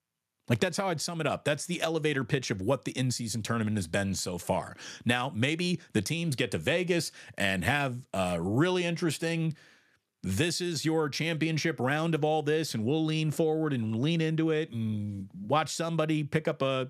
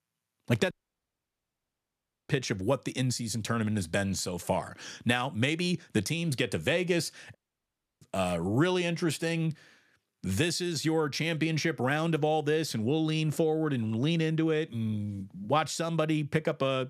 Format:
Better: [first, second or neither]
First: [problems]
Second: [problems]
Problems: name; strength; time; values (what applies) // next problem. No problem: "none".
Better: first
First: none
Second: audio cutting out; at 0.5 s for 1.5 s and at 7.5 s for 0.5 s